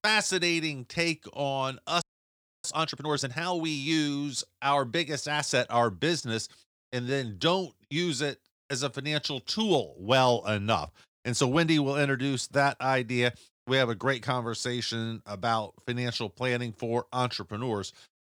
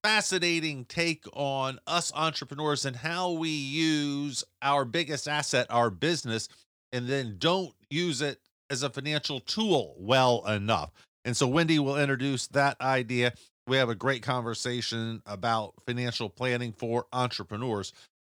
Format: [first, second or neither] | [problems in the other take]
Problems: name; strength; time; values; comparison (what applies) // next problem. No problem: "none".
second | audio freezing; at 2 s for 0.5 s